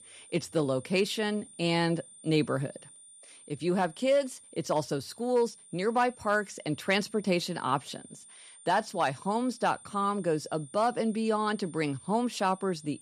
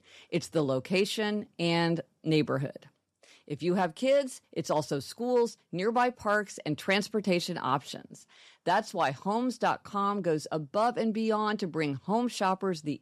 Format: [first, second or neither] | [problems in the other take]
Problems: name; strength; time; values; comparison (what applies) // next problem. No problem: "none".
second | high-pitched whine; faint; throughout; 9 kHz, 20 dB below the speech